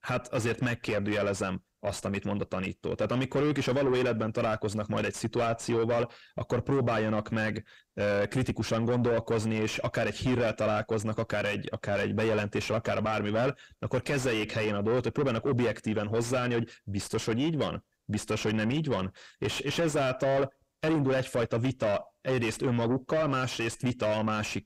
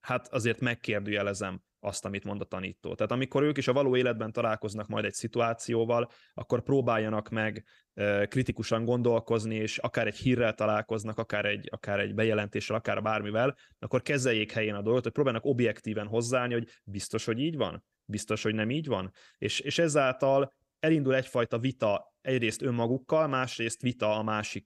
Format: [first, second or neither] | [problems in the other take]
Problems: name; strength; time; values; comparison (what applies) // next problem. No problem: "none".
second | distortion; heavy; 7 dB below the speech